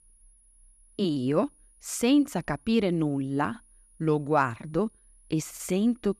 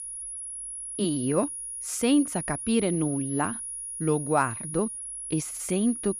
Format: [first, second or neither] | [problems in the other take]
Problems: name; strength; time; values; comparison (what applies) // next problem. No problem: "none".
first | high-pitched whine; loud; throughout; 10.5 kHz, 6 dB below the speech; faint in the first